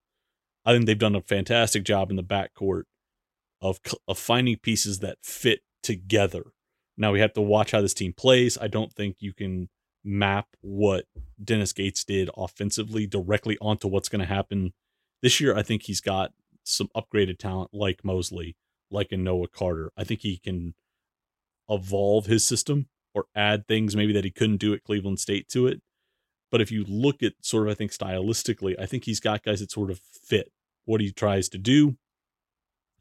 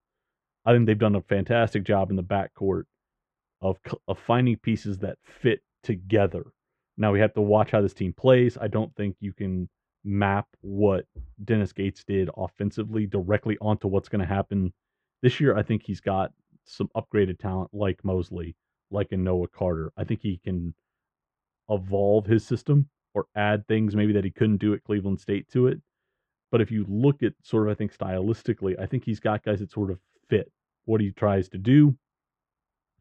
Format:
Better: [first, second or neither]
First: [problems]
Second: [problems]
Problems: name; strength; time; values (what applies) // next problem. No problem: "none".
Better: first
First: none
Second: muffled; very; fading above 1.5 kHz